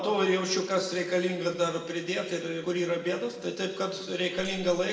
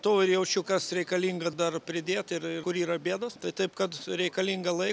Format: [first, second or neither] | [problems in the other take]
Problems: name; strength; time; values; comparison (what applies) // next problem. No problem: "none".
second | noise reduction (neural separator model SepFormer DNS4)